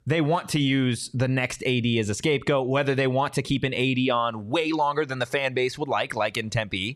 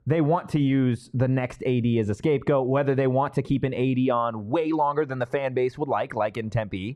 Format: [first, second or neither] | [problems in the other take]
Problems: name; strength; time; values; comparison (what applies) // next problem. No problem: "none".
first | muffled; very; fading above 2 kHz